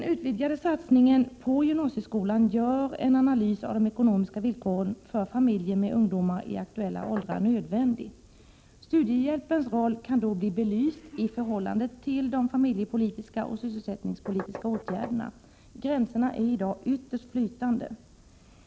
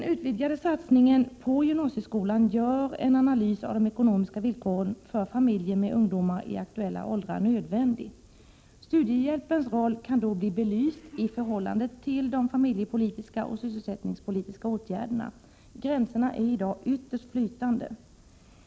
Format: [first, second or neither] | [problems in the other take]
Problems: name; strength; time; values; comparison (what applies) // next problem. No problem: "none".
second | background sound (Knock); 13 dB below the speech